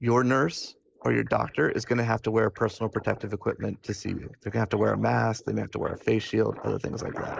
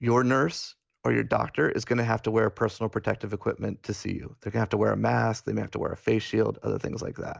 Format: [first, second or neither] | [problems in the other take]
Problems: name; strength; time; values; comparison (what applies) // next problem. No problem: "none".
second | noise reduction (neural mask model Resemble Enhance denoiser)